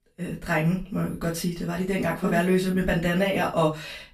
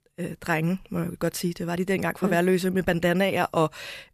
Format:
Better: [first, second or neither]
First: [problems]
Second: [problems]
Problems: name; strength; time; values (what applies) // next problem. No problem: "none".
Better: second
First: off-mic speech; far // room echo; very slight; dies away in 0.2 s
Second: none